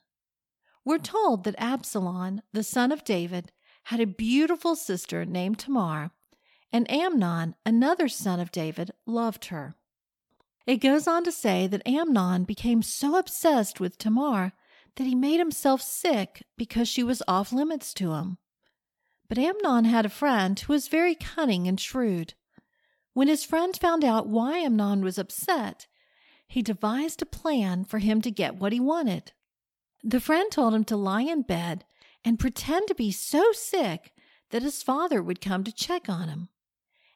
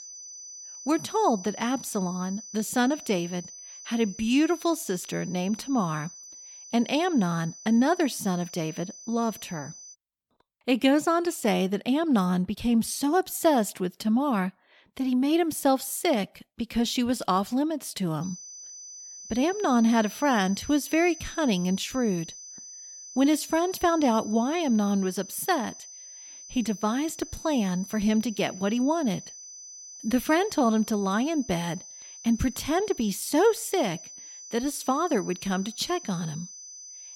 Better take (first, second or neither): first